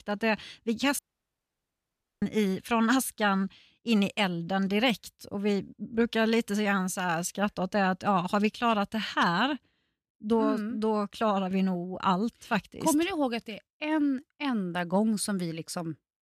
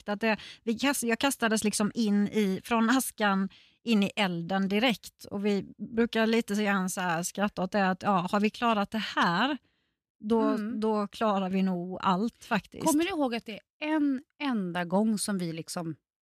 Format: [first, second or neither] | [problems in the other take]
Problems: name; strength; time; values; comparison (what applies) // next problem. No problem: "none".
second | audio cutting out; at 1 s for 1 s